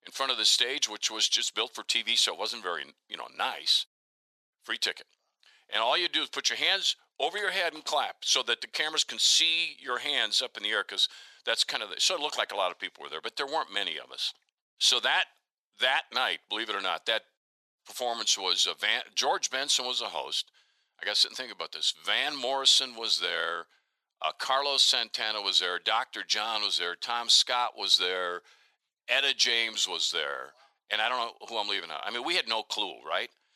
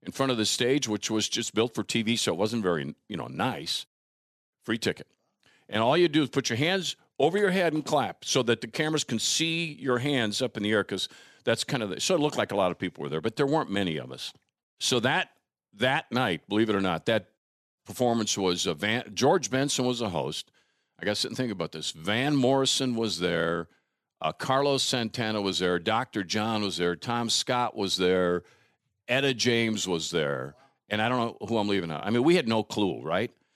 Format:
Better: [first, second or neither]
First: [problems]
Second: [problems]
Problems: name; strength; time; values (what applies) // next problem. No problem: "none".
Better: second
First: thin; very; fading below 850 Hz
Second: none